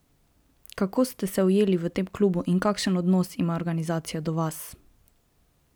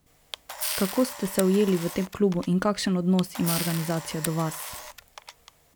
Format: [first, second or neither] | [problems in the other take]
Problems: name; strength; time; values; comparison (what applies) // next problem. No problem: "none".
first | background sound (Camera); 10 dB below the speech